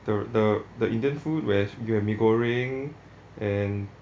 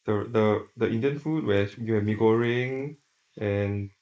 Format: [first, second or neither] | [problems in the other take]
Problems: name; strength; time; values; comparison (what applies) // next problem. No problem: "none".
first | noise reduction (neural mask model Resemble Enhance denoiser)